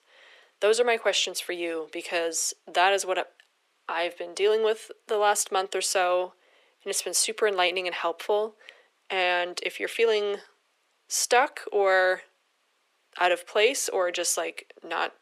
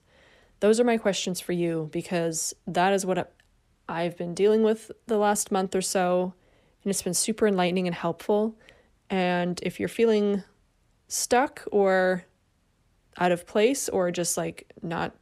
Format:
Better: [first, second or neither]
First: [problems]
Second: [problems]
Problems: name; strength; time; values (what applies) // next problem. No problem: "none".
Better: second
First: thin; very; fading below 400 Hz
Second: none